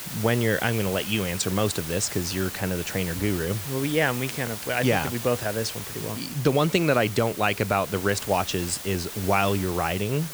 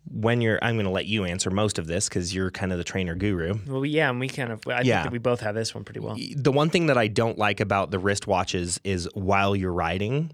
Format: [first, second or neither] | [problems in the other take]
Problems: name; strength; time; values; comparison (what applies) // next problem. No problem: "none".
second | hiss; loud; throughout; 8 dB below the speech